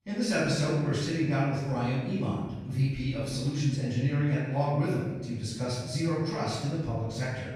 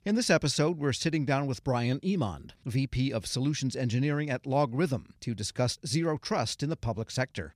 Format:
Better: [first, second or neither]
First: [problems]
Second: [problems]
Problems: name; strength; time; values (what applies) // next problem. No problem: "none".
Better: second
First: off-mic speech; far // room echo; strong; dies away in 1.1 s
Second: none